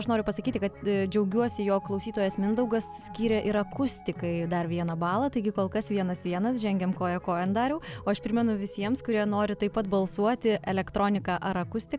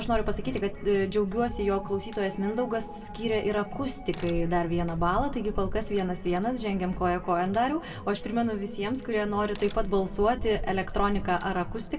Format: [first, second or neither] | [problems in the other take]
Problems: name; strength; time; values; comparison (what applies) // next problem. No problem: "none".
first | background sound (Crack); 8 dB below the speech // room echo; dies away in 1 s